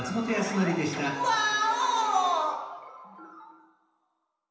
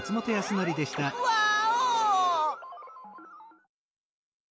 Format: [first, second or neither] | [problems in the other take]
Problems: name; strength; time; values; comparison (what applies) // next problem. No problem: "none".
second | room echo; dies away in 0.9 s